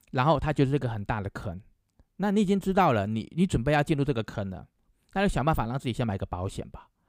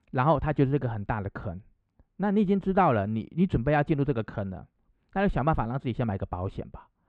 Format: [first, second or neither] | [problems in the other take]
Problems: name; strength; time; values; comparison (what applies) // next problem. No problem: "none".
first | muffled; very; fading above 2 kHz